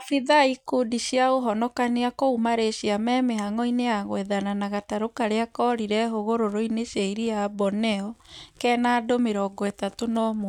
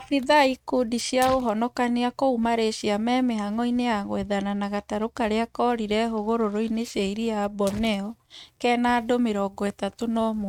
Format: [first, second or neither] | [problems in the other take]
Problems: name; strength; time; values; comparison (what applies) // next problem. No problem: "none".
first | noise reduction (neural mask model RNNoise)